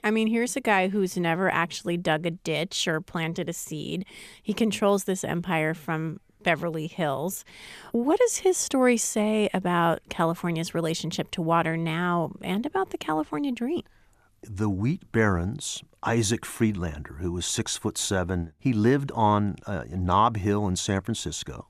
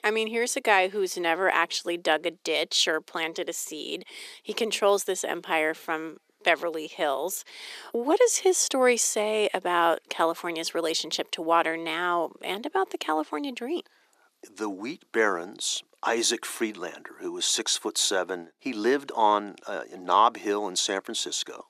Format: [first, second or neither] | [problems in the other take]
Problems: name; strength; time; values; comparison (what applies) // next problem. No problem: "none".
first | thin; somewhat; fading below 350 Hz